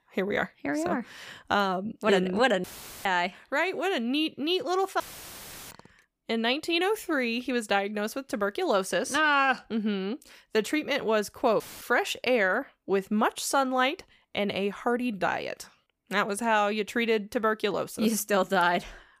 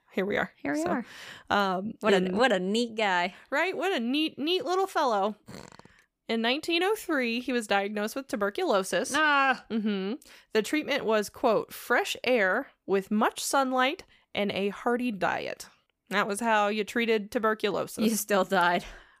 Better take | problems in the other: second | audio cutting out; filled with static; at 2.5 s, at 5 s for 0.5 s and at 12 s

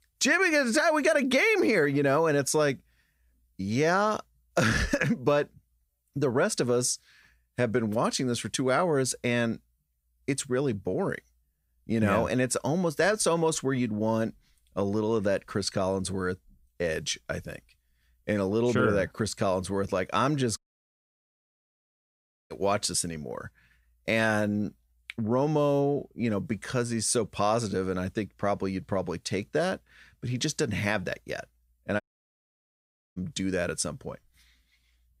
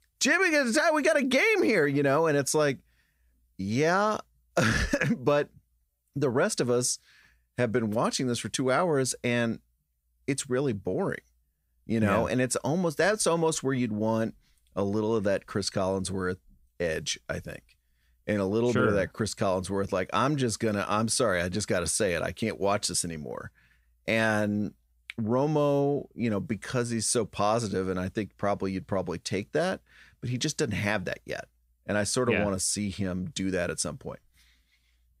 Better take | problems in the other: second | audio cutting out; at 21 s for 2 s and at 32 s for 1 s

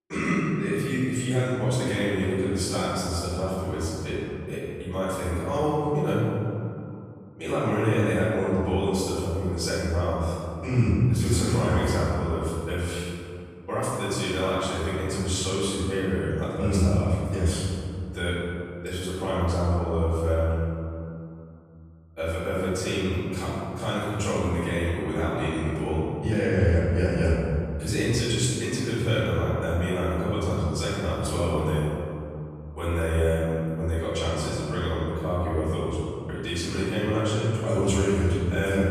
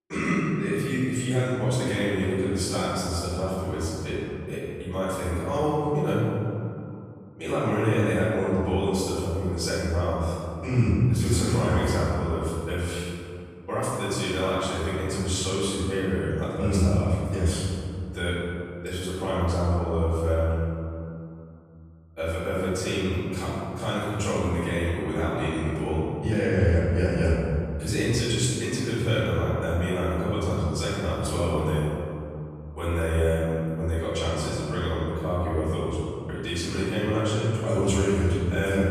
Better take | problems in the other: neither | room echo; strong; dies away in 2.5 s; the same in both // off-mic speech; far; the same in both

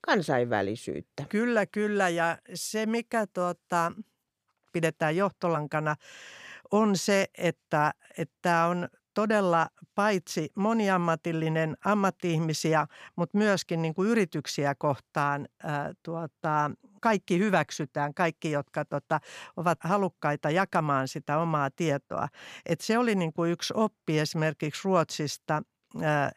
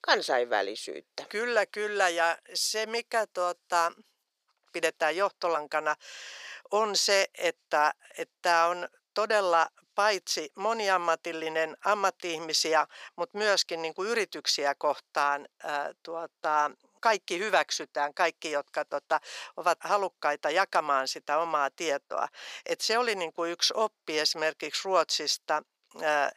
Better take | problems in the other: first | thin; very; fading below 450 Hz

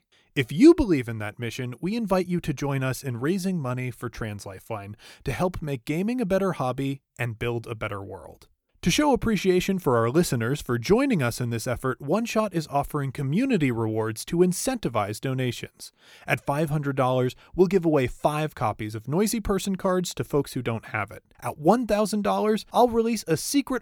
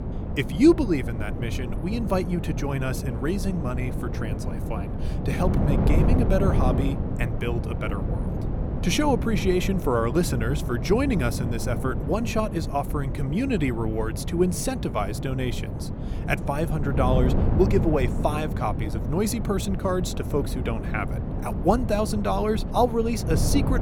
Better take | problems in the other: first | wind noise on the microphone; heavy; 8 dB below the speech

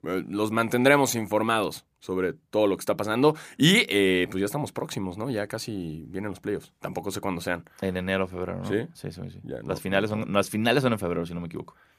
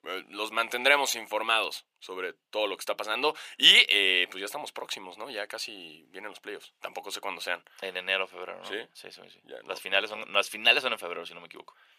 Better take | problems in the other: first | thin; very; fading below 650 Hz

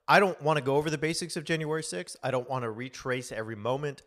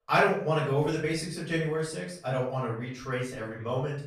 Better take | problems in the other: first | off-mic speech; far // room echo; noticeable; dies away in 0.5 s

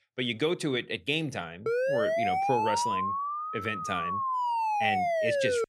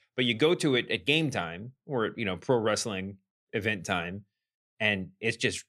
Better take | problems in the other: second | siren; loud; from 1.5 s on; peak 5 dB above the speech

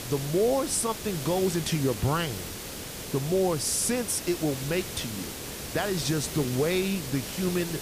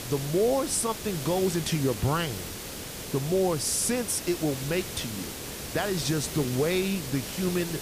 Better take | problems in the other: neither | hiss; loud; throughout; 7 dB below the speech; the same in both

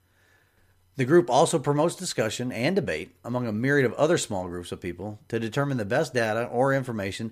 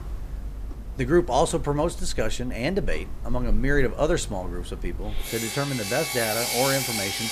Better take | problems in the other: first | machinery noise; loud; throughout; 4 dB below the speech

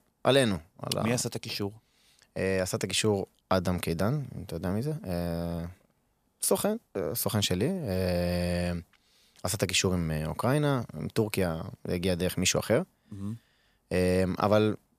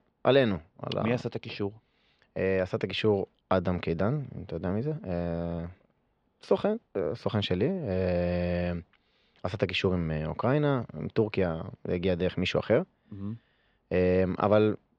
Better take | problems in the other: first | muffled; very; fading above 3.5 kHz

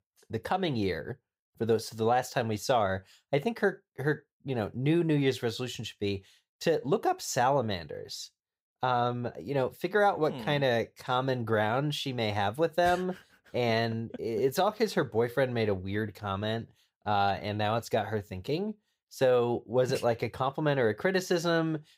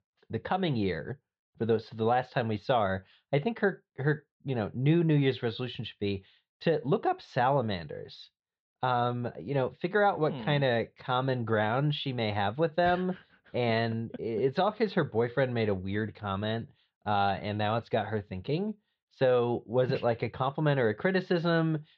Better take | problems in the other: first | muffled; very slightly; fading above 4 kHz

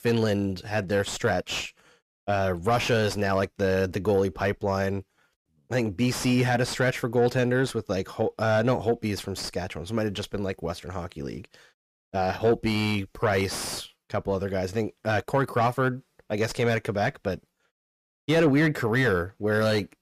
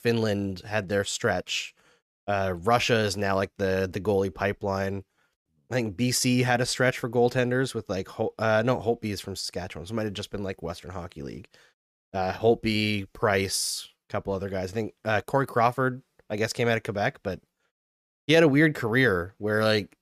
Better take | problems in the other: second | distortion; slight; 10 dB below the speech

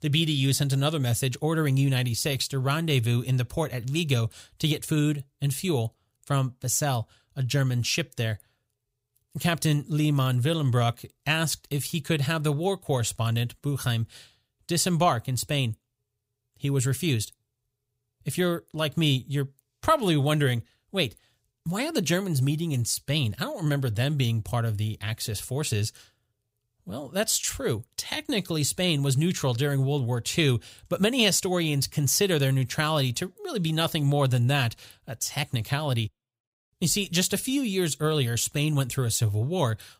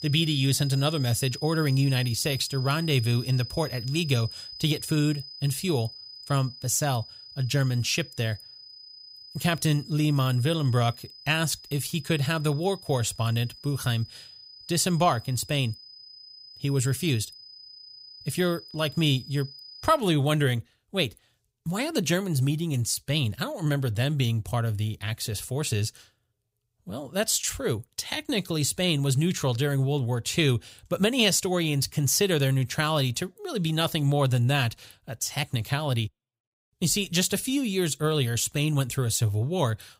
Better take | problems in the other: first | high-pitched whine; noticeable; until 20 s; 5 kHz, 15 dB below the speech

